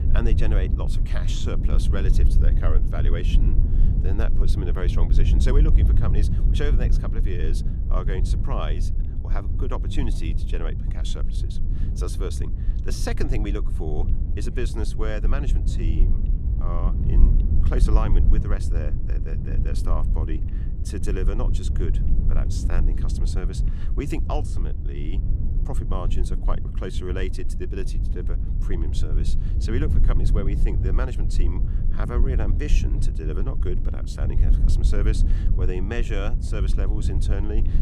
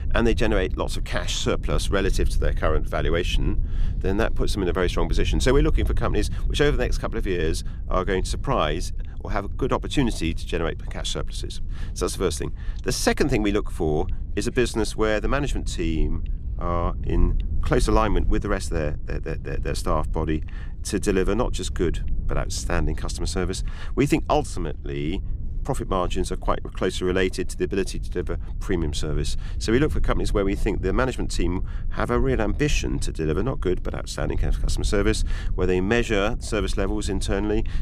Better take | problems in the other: second | low rumble; loud; throughout; 5 dB below the speech; faint in the second

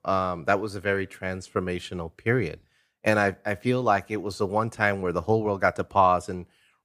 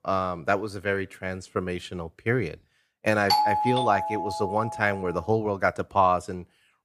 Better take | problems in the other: first | doorbell; loud; from 3.5 to 5 s; peak 4 dB above the speech

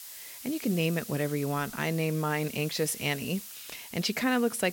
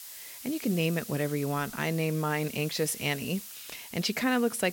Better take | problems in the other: neither | hiss; noticeable; throughout; 10 dB below the speech; the same in both

